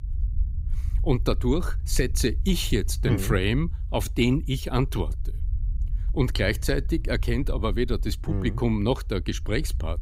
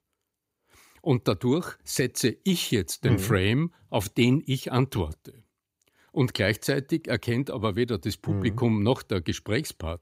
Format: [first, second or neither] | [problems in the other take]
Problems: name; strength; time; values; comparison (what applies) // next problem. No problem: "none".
second | low rumble; faint; throughout; 20 dB below the speech